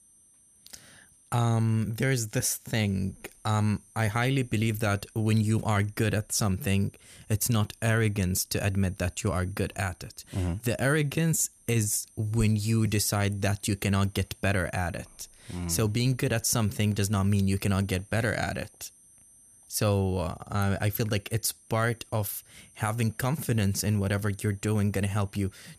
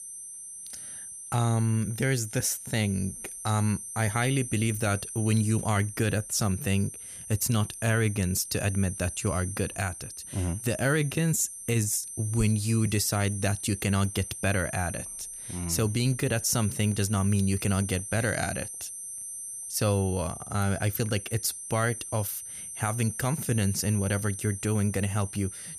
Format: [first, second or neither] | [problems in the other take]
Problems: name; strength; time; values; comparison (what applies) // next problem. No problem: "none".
first | high-pitched whine; loud; throughout; 9 kHz, 9 dB below the speech; faint in the first